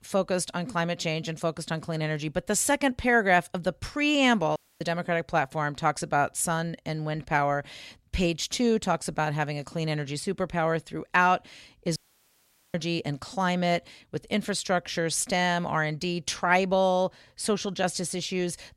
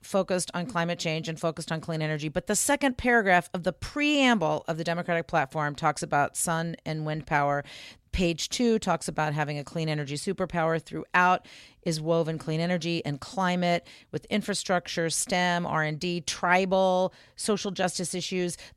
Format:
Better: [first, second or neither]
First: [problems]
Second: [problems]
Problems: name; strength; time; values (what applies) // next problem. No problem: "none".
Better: second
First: audio cutting out; at 4.5 s and at 12 s for 1 s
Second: none